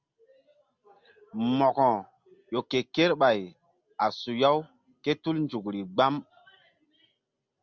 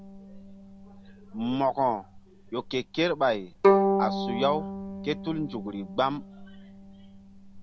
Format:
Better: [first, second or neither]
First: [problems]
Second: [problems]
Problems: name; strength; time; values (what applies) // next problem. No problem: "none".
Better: first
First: none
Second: background sound (Bowed string instrument); as loud as the speech